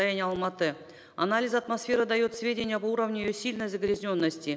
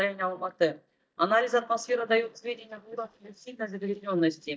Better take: first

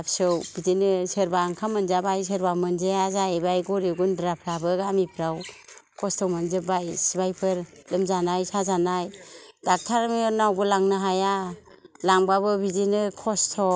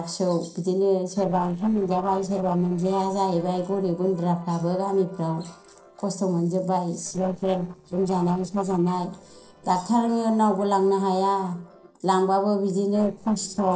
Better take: first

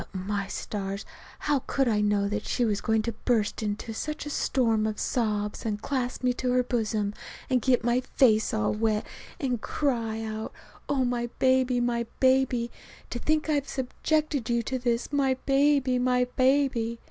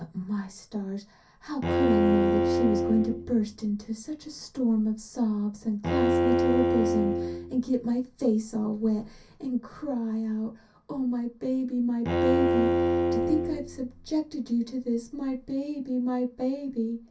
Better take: first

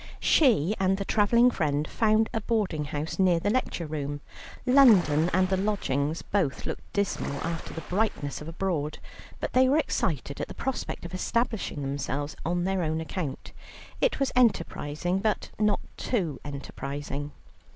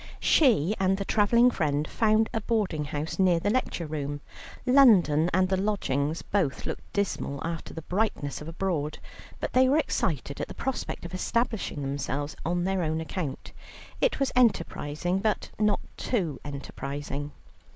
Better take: second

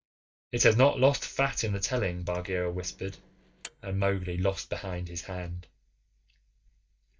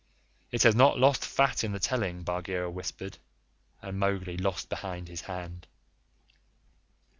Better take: second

